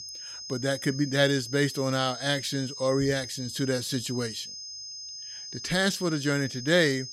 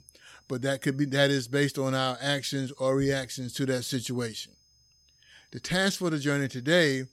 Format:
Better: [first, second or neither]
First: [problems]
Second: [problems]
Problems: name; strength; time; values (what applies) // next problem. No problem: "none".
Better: second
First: high-pitched whine; loud; throughout; 5 kHz, 10 dB below the speech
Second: high-pitched whine; faint; throughout; 5 kHz, 35 dB below the speech